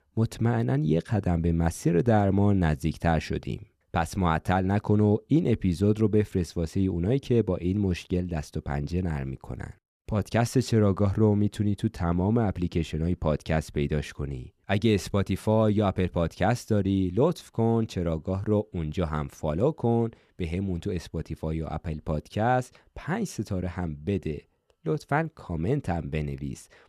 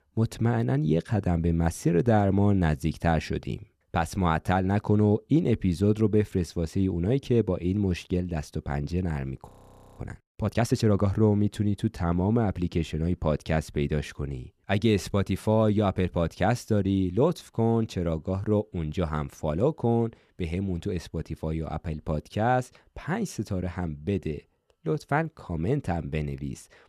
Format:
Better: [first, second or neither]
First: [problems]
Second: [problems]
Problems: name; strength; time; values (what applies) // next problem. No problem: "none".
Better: first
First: none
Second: audio freezing; at 9.5 s for 0.5 s